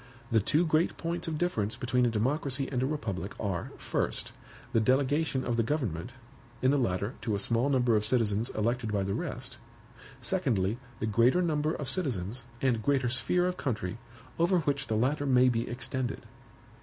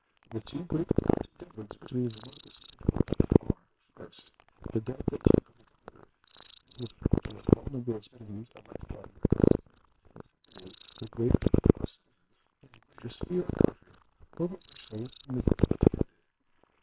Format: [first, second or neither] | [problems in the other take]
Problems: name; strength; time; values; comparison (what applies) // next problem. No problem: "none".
first | noise reduction (neural separator model SepFormer WHAMR!)